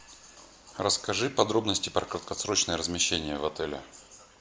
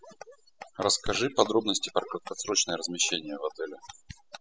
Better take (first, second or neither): first